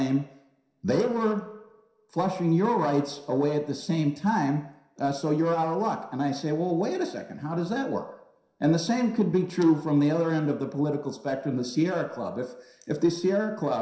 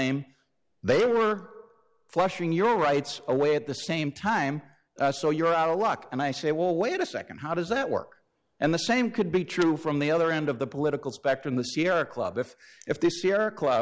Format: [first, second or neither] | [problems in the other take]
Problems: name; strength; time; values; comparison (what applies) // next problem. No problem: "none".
second | room echo; dies away in 0.7 s